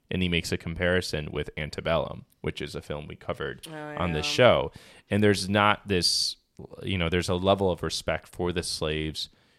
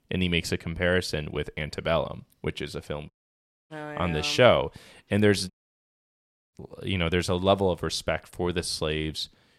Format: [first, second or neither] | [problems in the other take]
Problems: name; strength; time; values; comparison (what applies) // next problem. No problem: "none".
first | audio cutting out; at 3 s for 0.5 s and at 5.5 s for 1 s